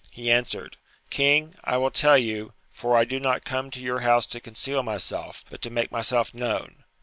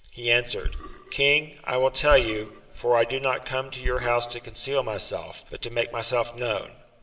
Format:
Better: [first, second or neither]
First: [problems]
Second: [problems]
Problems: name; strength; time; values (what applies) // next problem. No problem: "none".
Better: first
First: none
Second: background sound (Burping, eructation); 8 dB below the speech // room echo; dies away in 1.7 s